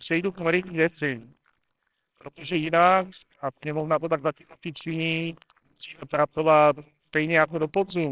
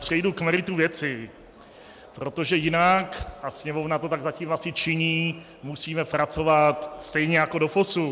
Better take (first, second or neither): second